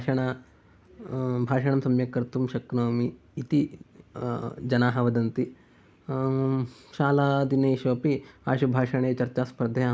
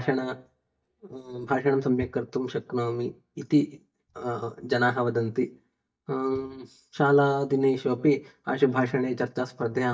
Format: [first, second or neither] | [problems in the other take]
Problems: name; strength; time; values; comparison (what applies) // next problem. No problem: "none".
first | noise reduction (neural mask model DeepFilterNet 3)